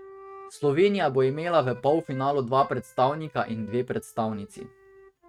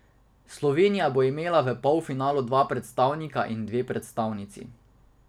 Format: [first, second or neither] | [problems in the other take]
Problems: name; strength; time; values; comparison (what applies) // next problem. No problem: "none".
second | noise reduction (neural mask model RNNoise)